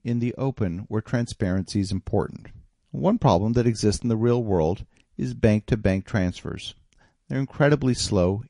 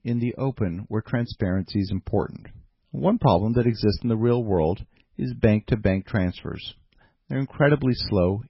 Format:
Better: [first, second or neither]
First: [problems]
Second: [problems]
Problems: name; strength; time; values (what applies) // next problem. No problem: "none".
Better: first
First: garbled, watery; slightly; nothing above 10.5 kHz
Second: garbled, watery; badly; nothing above 5.5 kHz